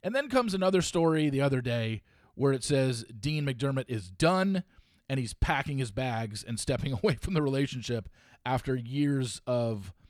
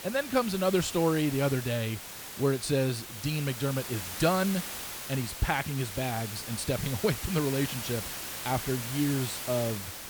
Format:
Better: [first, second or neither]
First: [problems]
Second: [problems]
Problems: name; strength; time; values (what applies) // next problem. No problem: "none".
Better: first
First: none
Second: hiss; loud; throughout; 7 dB below the speech